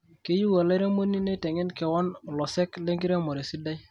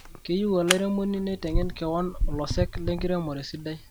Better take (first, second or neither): first